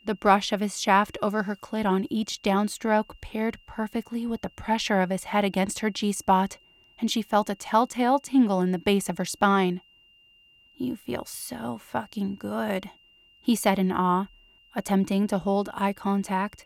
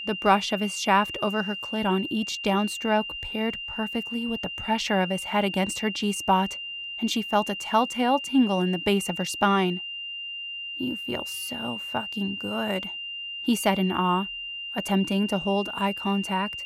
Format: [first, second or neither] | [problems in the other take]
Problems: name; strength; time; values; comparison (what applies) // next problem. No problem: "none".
first | high-pitched whine; loud; throughout; 3 kHz, 6 dB below the speech; faint in the first